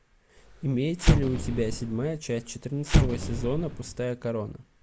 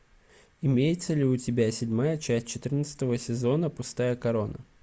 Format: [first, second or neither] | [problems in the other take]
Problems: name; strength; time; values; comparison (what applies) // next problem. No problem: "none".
second | background sound (Explosion); 3 dB above the speech